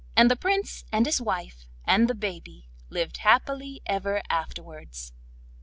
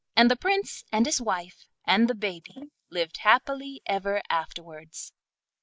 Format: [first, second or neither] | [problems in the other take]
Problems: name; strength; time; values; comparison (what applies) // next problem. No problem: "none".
first | noise reduction (neural mask model Resemble Enhance denoiser)